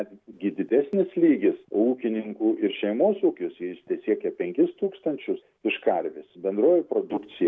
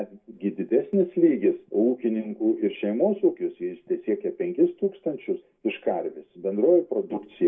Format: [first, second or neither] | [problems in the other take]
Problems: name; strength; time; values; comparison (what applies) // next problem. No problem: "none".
first | room echo; dies away in 0.2 s